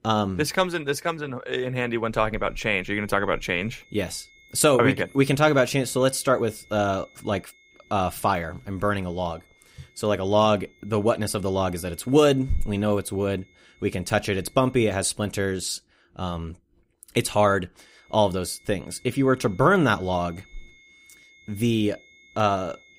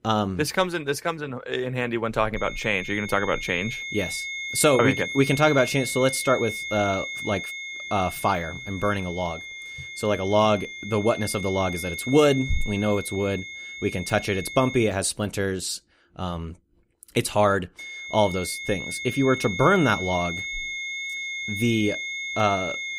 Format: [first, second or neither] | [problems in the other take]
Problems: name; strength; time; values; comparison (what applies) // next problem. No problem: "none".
first | high-pitched whine; loud; from 2.5 to 15 s and from 18 s on; 2 kHz, 7 dB below the speech; faint in the first